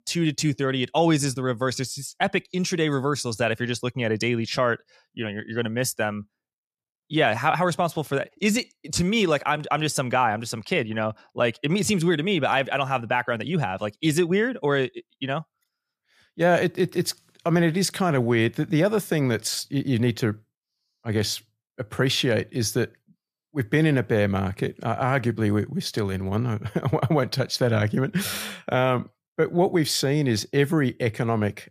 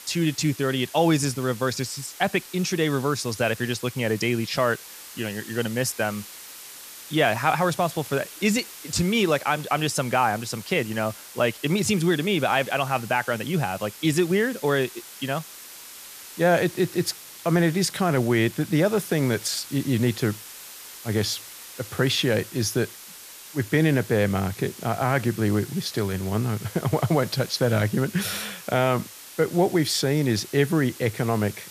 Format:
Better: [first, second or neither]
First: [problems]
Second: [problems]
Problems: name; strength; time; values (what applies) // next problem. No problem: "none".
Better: first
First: none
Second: hiss; noticeable; throughout; 15 dB below the speech